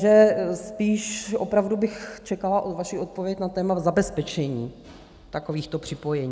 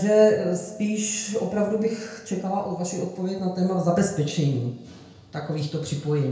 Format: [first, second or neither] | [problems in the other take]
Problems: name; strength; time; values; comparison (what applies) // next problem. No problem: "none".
first | room echo; dies away in 0.5 s